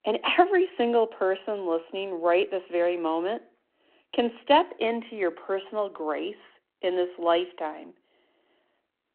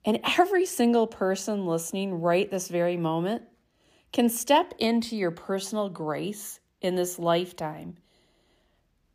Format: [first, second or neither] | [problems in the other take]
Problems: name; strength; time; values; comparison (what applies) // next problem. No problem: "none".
second | phone-call audio